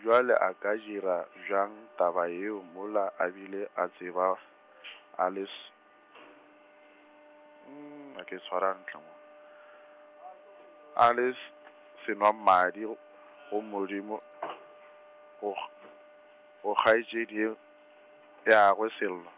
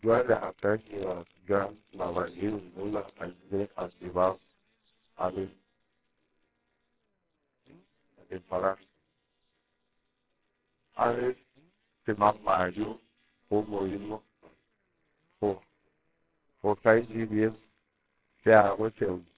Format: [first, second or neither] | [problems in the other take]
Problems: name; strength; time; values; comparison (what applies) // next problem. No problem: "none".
first | noise reduction (neural separator model SepFormer WHAMR!)